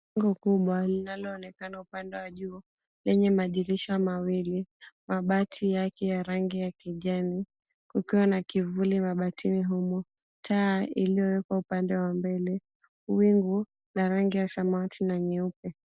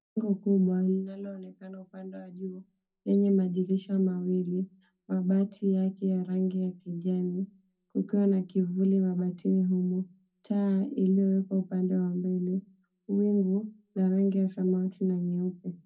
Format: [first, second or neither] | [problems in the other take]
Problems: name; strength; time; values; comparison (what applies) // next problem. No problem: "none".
first | room echo; dies away in 0.4 s